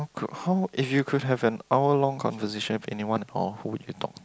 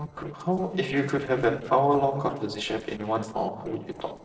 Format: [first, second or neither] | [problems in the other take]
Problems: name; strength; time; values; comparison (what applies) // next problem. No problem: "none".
first | noise reduction (neural separator model SepFormer DNS4)